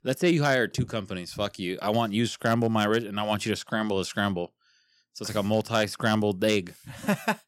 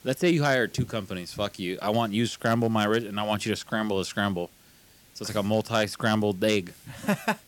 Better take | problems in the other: first | hiss; faint; throughout; 25 dB below the speech

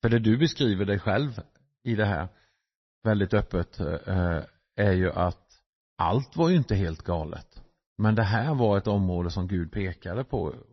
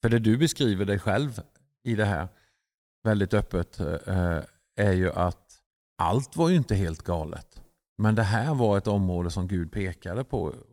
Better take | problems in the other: second | garbled, watery; slightly; nothing above 6 kHz

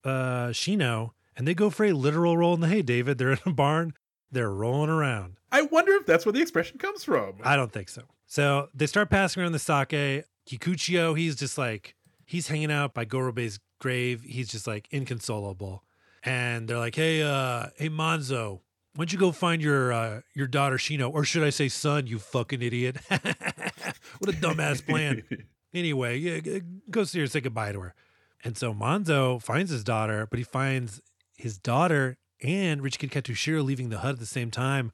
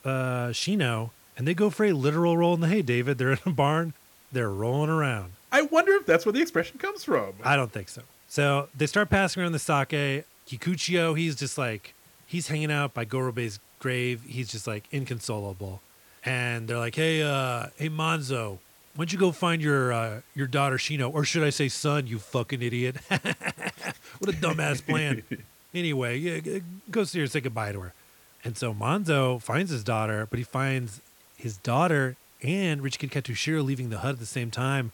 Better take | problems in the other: first | hiss; faint; throughout; 25 dB below the speech

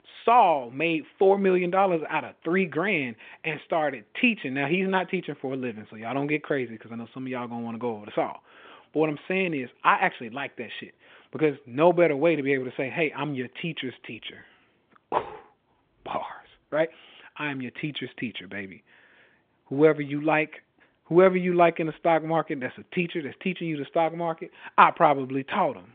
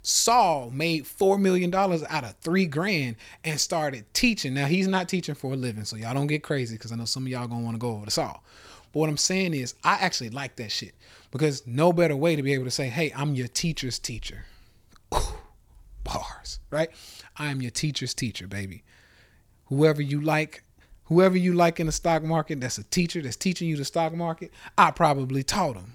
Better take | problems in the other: second | phone-call audio

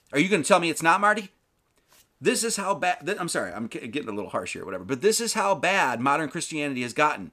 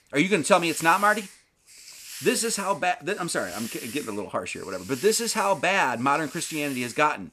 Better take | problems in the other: first | hiss; noticeable; throughout; 15 dB below the speech

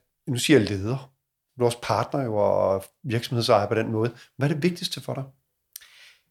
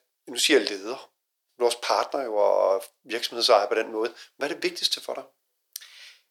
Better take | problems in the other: first | thin; very; fading below 350 Hz

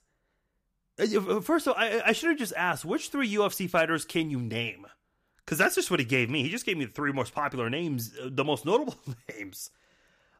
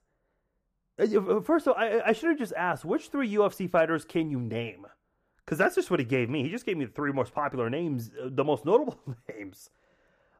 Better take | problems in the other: first | muffled; slightly; fading above 2 kHz

